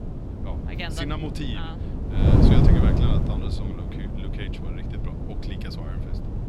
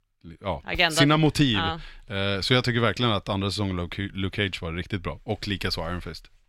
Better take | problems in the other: second | wind noise on the microphone; heavy; 4 dB above the speech

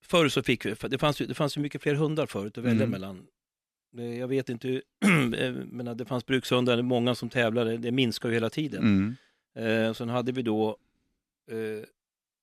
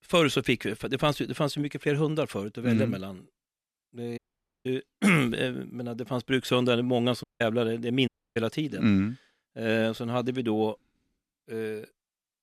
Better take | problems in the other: first | audio cutting out; at 4 s, at 7 s and at 8 s

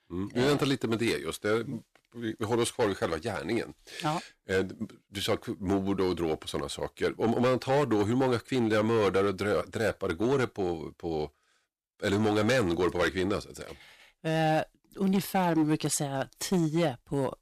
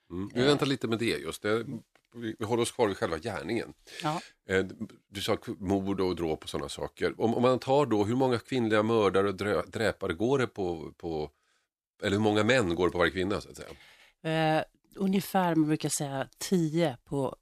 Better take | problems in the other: second | distortion; slight; 5% of the sound clipped

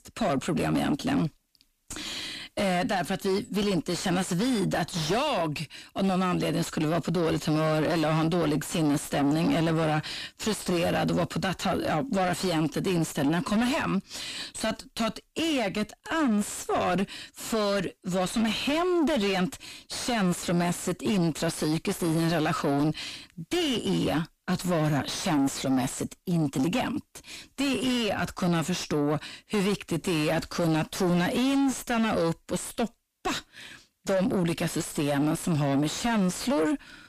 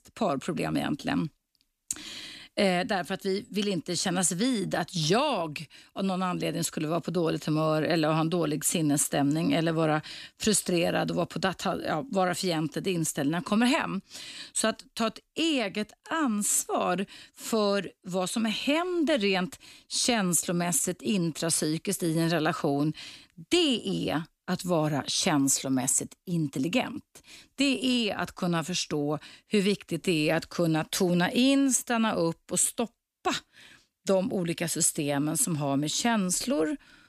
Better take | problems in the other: second | distortion; heavy; 5 dB below the speech

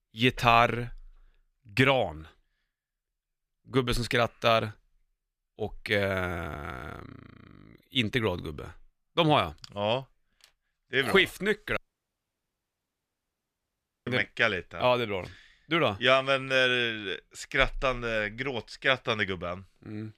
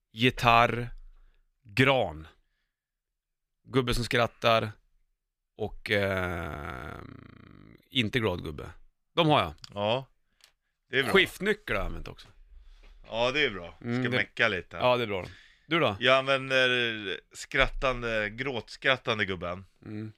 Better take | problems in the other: second | audio cutting out; at 12 s for 2.5 s

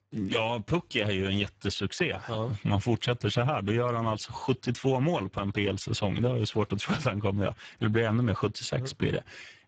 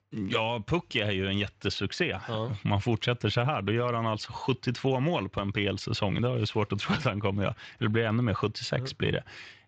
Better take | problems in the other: second | garbled, watery; badly; nothing above 7.5 kHz; slightly in the second

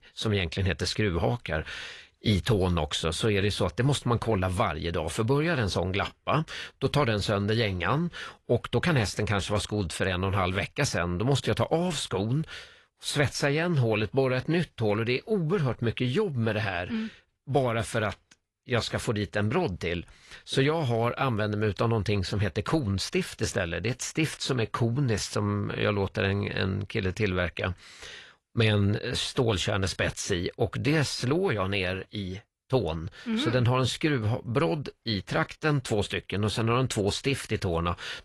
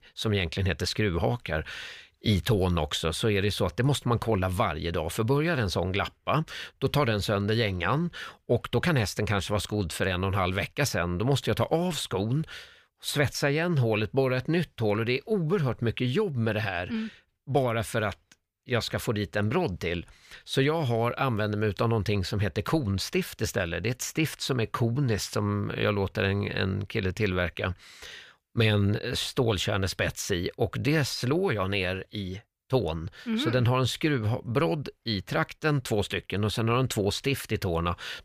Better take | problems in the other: second | garbled, watery; slightly; nothing above 11.5 kHz

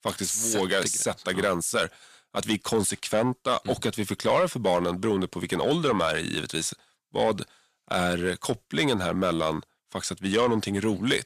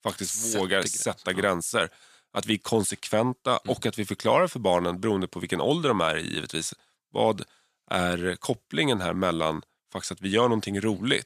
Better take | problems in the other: second | distortion; slight; 10 dB below the speech

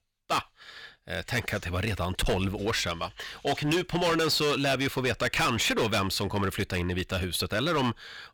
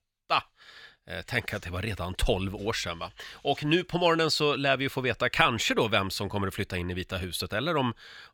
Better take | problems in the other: second | distortion; heavy; 12% of the sound clipped

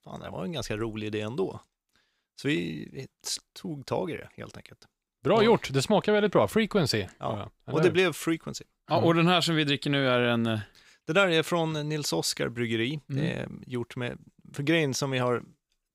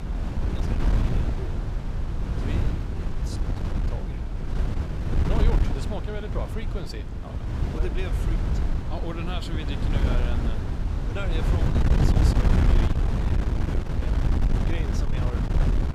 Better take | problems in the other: first | wind noise on the microphone; heavy; 3 dB above the speech

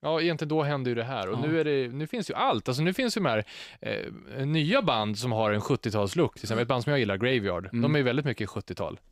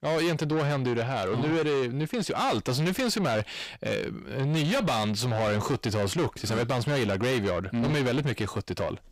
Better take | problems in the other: first | distortion; heavy; 7 dB below the speech

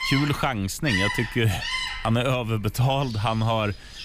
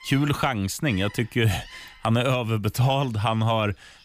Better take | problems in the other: second | animal sounds; loud; throughout; 4 dB below the speech; faint in the second

